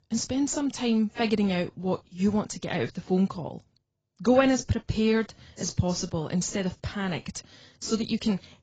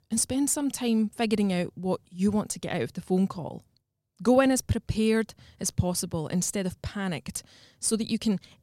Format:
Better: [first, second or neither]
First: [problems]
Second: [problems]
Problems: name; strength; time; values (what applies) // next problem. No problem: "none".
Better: second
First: garbled, watery; badly; nothing above 7.5 kHz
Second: none